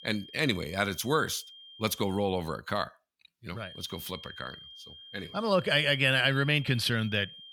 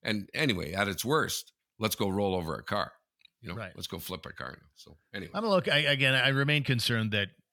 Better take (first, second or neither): second